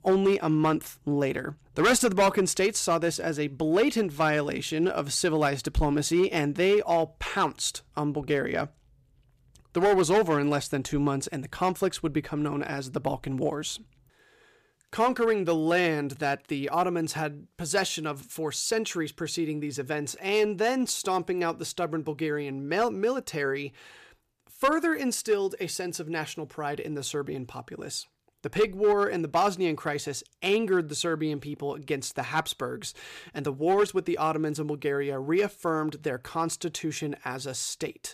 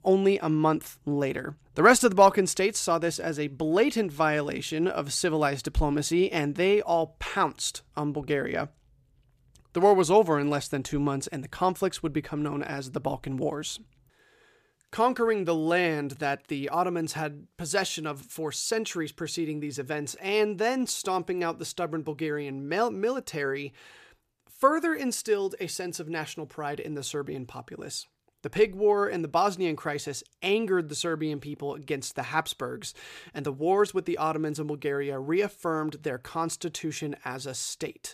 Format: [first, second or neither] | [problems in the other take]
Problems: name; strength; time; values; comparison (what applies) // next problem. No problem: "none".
second | distortion; slight; 2% of the sound clipped